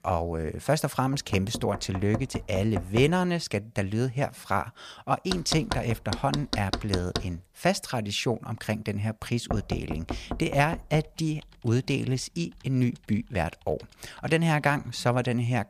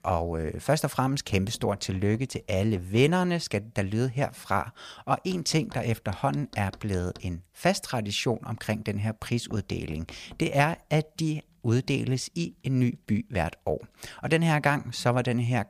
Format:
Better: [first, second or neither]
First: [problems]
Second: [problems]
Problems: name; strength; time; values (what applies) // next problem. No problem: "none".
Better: second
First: household noises; loud; throughout; 8 dB below the speech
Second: household noises; faint; throughout; 25 dB below the speech